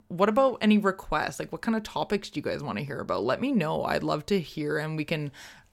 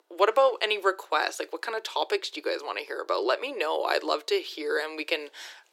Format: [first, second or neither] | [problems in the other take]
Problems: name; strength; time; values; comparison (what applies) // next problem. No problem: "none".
first | thin; very; fading below 350 Hz